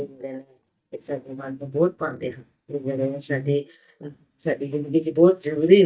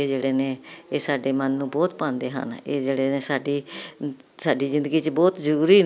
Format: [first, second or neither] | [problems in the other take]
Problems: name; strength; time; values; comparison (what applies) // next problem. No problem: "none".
second | noise reduction (neural mask model DeepFilterNet 3)